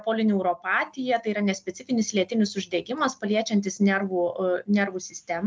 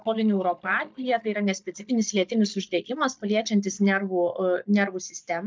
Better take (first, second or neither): first